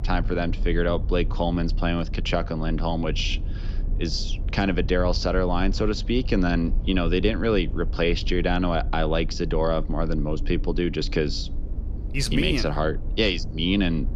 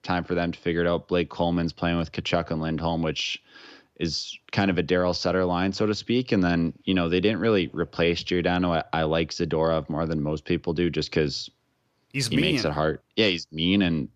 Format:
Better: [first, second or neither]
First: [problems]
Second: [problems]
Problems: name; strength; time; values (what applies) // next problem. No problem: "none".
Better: second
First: low rumble; noticeable; throughout; 20 dB below the speech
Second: none